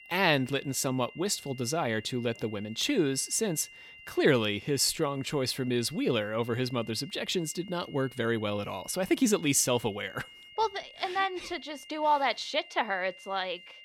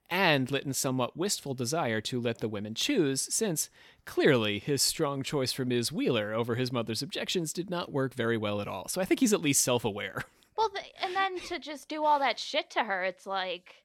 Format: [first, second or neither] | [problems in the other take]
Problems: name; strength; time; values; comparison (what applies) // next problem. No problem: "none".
second | high-pitched whine; noticeable; throughout; 3 kHz, 20 dB below the speech